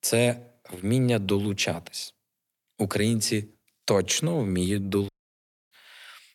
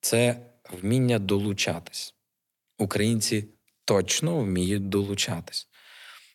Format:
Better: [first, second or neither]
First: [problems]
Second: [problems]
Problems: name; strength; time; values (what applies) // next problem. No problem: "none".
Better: second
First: audio cutting out; at 5 s for 0.5 s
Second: none